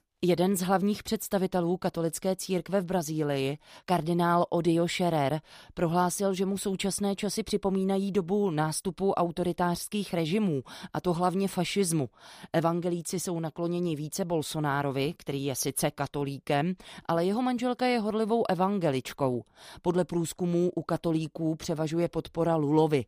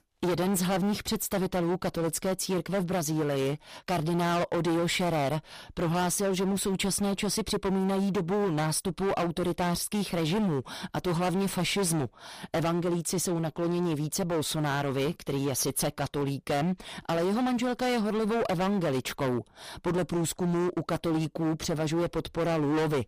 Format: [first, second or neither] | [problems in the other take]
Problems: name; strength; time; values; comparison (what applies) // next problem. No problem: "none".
first | distortion; heavy; 24% of the sound clipped